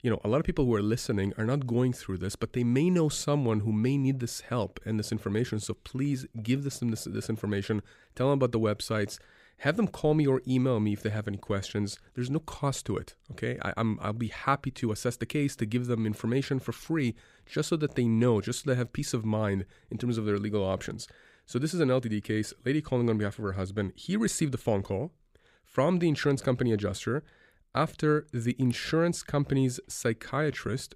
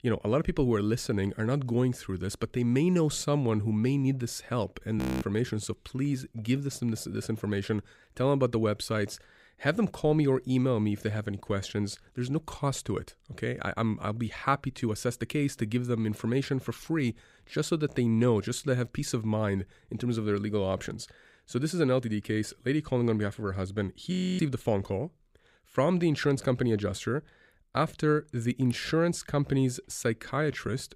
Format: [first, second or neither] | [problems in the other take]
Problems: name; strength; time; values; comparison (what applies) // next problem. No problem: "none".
first | audio freezing; at 5 s and at 24 s